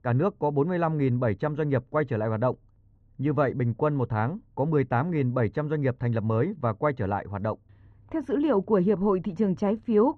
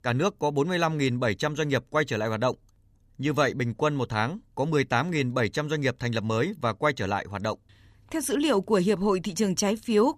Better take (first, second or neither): second